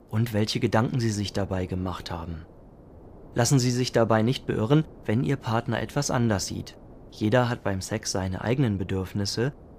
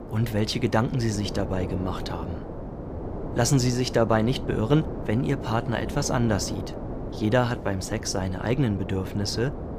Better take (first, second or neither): first